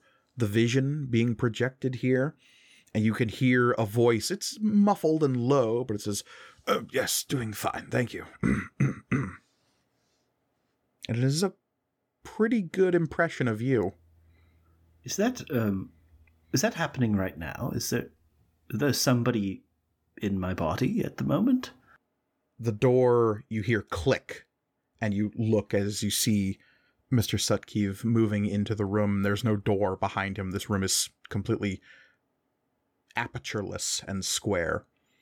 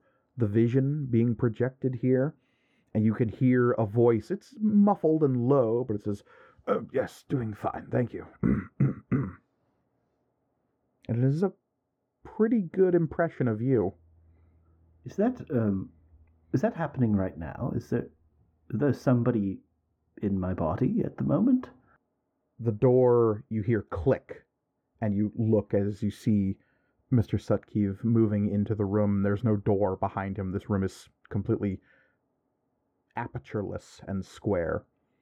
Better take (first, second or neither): first